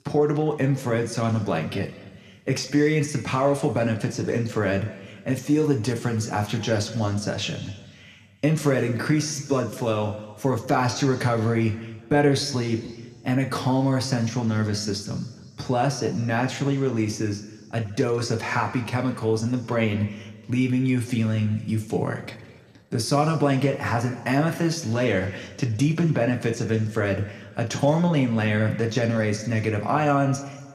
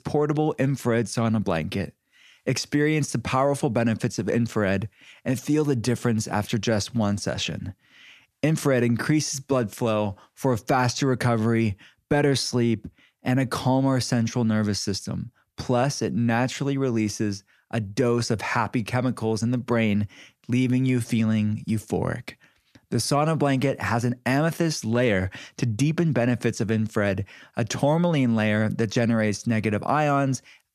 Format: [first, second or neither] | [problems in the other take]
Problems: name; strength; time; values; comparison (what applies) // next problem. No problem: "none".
second | room echo; slight; dies away in 1.4 s